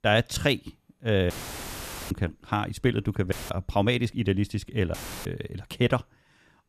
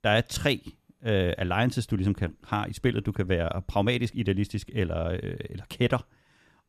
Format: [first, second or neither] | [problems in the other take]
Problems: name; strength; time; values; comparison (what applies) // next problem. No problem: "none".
second | audio cutting out; filled with static; at 1.5 s for 1 s, at 3.5 s and at 5 s